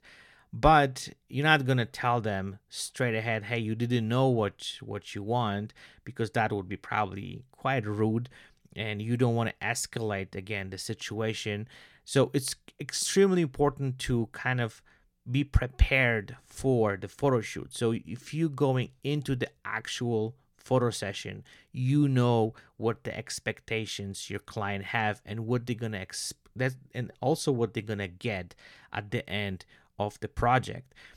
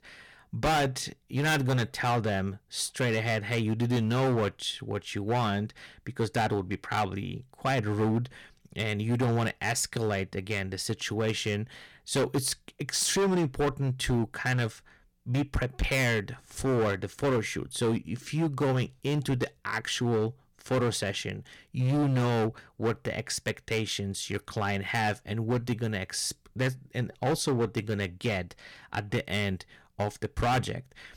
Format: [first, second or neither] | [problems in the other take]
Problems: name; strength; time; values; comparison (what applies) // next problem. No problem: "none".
first | distortion; heavy; 11% of the sound clipped